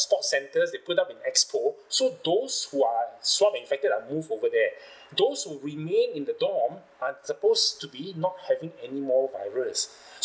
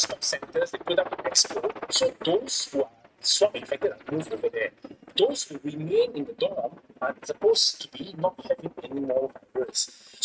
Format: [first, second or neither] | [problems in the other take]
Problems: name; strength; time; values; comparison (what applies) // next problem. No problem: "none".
first | noise reduction (neural mask model RNNoise)